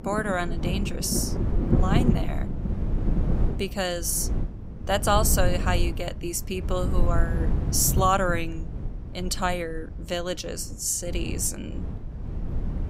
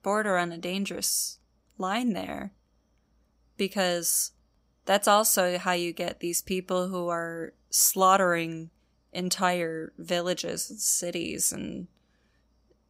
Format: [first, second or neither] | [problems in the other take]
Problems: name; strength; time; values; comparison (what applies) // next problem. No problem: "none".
second | wind noise on the microphone; occasional gusts; 10 dB below the speech